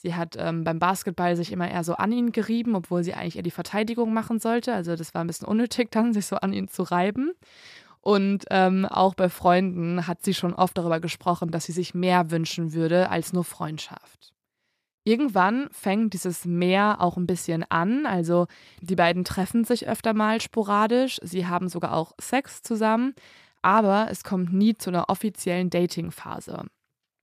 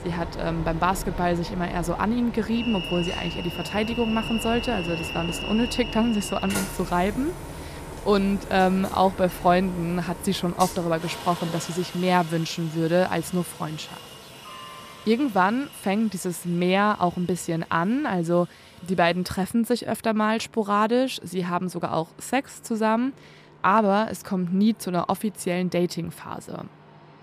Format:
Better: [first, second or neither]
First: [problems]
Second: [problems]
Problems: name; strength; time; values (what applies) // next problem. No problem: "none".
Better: first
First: none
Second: train or aircraft noise; loud; throughout; 10 dB below the speech